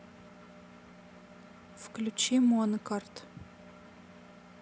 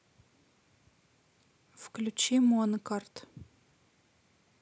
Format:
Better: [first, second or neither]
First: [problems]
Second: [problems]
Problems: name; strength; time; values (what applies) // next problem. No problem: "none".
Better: second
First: background sound (Engine); 18 dB below the speech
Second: none